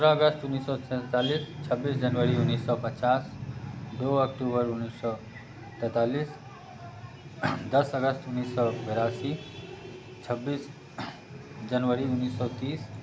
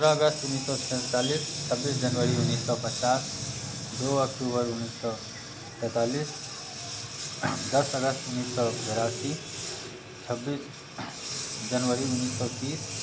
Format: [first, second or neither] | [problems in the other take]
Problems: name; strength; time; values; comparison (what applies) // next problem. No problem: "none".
first | background sound (Engine); 7 dB below the speech